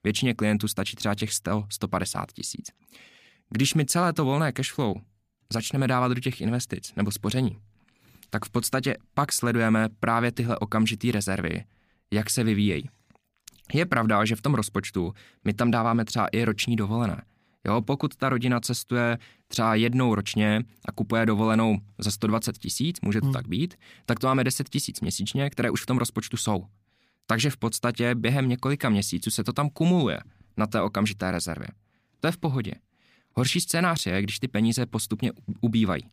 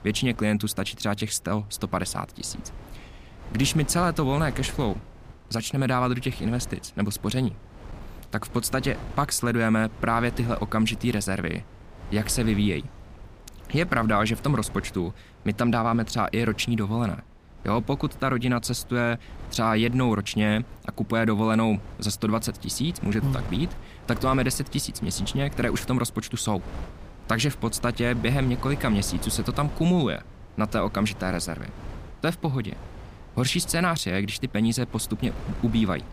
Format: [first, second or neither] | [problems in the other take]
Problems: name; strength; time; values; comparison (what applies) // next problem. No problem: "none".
first | wind noise on the microphone; occasional gusts; 20 dB below the speech